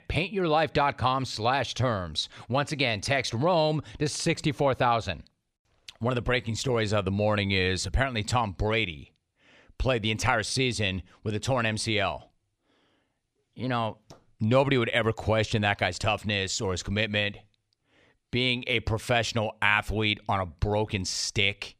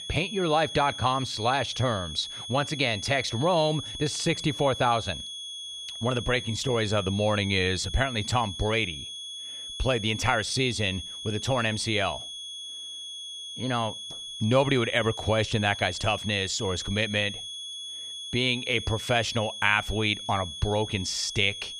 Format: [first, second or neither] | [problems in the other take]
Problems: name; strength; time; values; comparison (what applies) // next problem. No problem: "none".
first | high-pitched whine; loud; throughout; 3.5 kHz, 9 dB below the speech